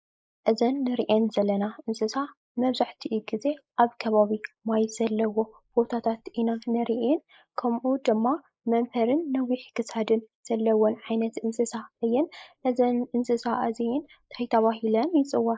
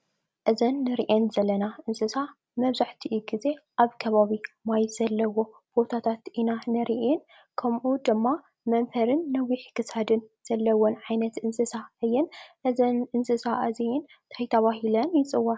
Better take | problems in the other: second | noise reduction (neural mask model Resemble Enhance denoiser)

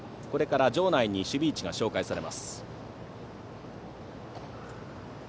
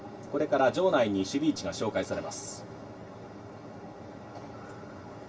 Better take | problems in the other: first | room echo; dies away in 0.2 s

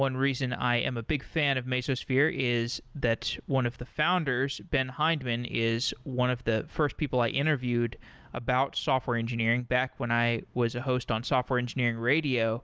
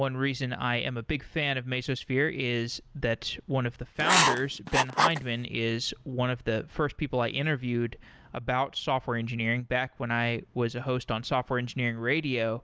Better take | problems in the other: first | background sound (Writing); 3 dB above the speech

